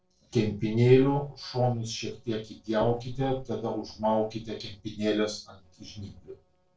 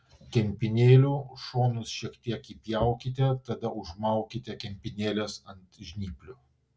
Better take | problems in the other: second | noise reduction (neural separator model SepFormer DNS4)

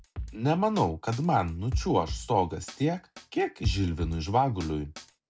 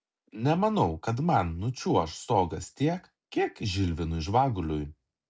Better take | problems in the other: second | background sound (Drum kit); 10 dB below the speech

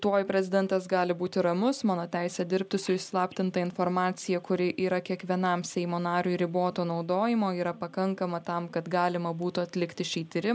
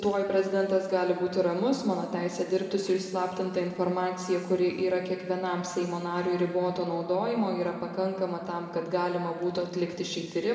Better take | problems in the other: first | room echo; dies away in 2 s

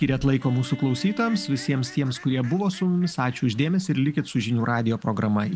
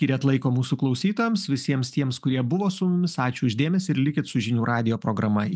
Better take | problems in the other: second | background sound (Bowed string instrument + Fowl); 20 dB below the speech

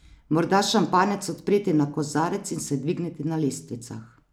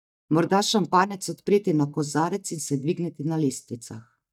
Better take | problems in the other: first | noise reduction (neural mask model DeepFilterNet 3)

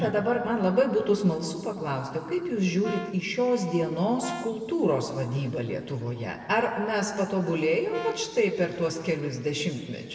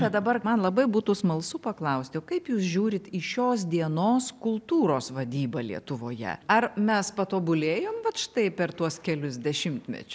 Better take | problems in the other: second | background sound (Brass instrument); 15 dB below the speech // room echo; dies away in 1.9 s

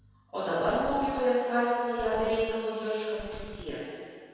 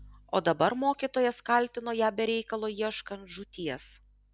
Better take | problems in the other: second | background sound (Fireworks); 16 dB below the speech // room echo; dies away in 1.8 s

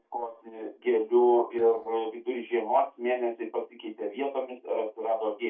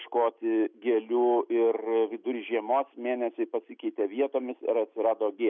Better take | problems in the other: second | noise reduction (neural mask model DeepFilterNet 3)

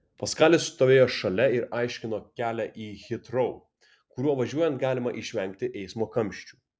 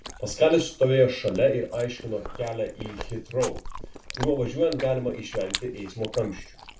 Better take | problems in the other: first | background sound (Chewing, mastication); 12 dB below the speech // room echo; dies away in 0.2 s

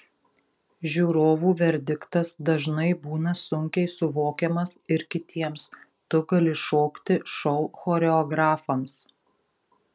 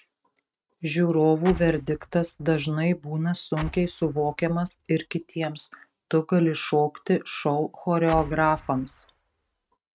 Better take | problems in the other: first | noise reduction (neural mask model RNNoise)

